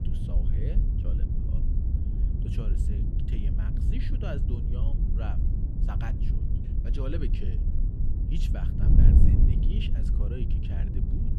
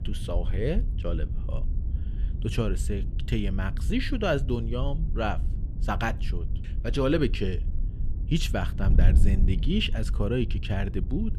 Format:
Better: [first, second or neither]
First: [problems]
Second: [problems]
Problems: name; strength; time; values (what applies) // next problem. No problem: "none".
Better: second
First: wind noise on the microphone; heavy; 2 dB above the speech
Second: wind noise on the microphone; occasional gusts; 15 dB below the speech